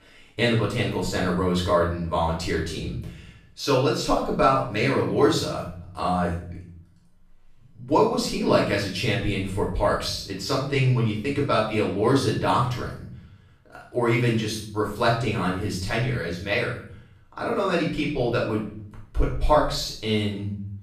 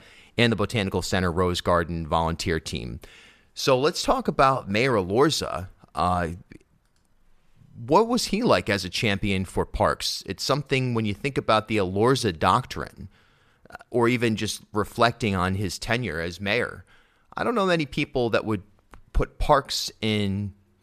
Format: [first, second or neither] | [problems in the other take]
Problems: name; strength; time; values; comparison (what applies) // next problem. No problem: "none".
second | off-mic speech; far // room echo; noticeable; dies away in 0.6 s